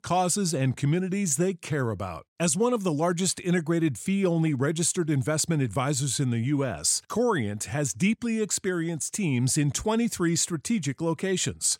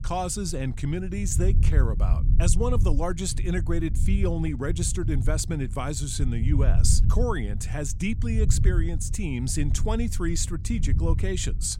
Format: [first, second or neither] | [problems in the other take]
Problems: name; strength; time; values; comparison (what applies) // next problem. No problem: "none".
first | low rumble; noticeable; throughout; 10 dB below the speech